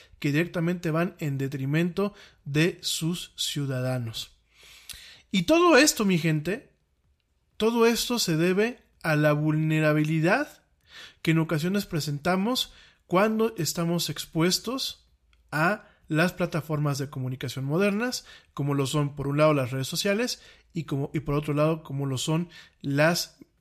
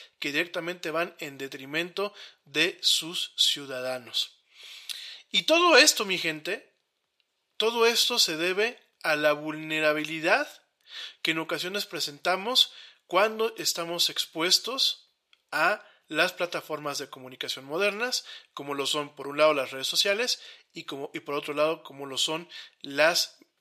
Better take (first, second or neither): first